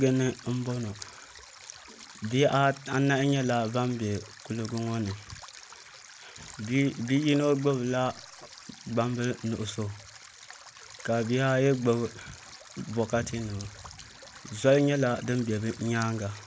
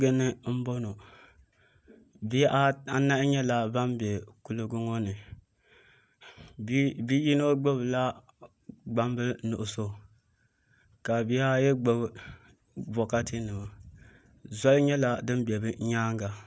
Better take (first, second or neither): second